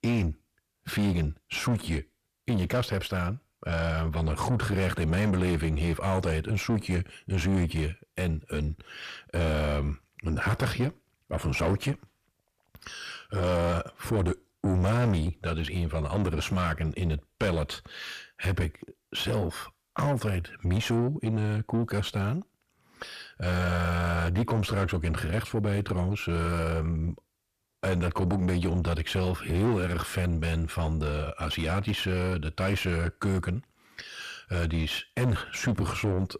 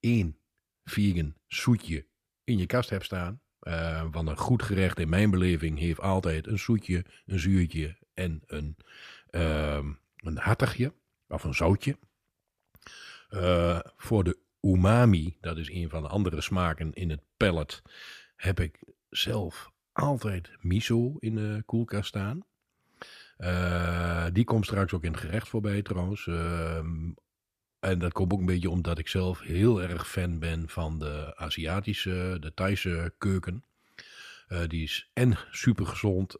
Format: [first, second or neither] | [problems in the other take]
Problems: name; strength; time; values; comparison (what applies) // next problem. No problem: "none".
second | distortion; heavy; 7 dB below the speech